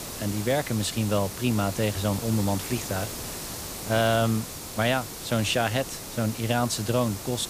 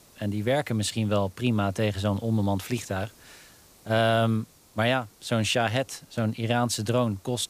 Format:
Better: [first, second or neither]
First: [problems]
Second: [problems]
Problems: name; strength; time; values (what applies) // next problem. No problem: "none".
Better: second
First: hiss; loud; throughout; 8 dB below the speech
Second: hiss; faint; throughout; 30 dB below the speech